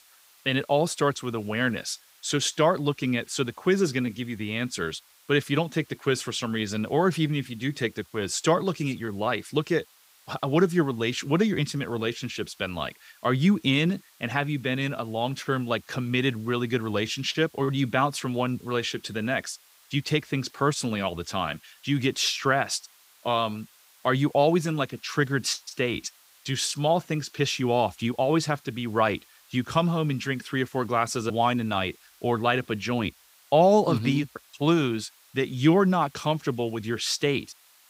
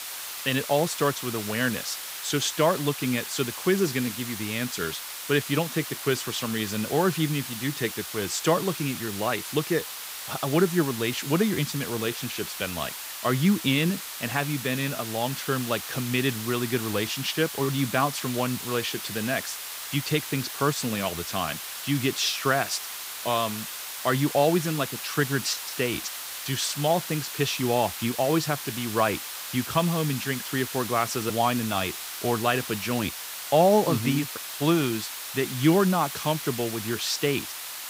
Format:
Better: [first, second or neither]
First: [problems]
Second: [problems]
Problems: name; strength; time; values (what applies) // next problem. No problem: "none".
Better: first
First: hiss; faint; throughout; 30 dB below the speech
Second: hiss; loud; throughout; 7 dB below the speech